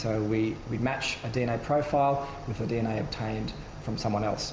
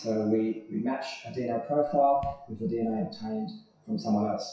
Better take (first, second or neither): first